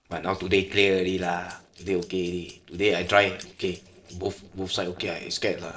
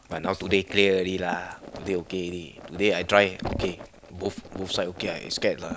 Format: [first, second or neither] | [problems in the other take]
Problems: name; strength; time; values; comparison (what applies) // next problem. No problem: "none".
second | noise reduction (neural separator model SepFormer DNS4)